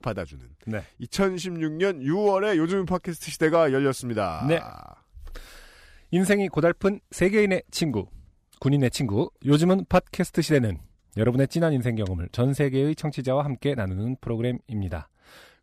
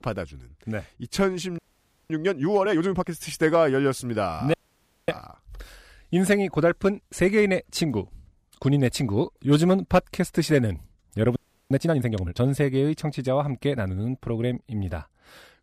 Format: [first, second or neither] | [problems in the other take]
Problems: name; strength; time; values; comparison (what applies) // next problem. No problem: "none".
first | audio freezing; at 1.5 s for 0.5 s, at 4.5 s for 0.5 s and at 11 s